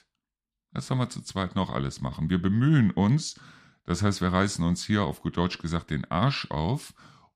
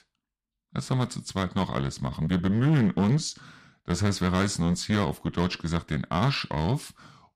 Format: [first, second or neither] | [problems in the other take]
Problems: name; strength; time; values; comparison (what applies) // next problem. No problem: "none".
first | distortion; slight; 7% of the sound clipped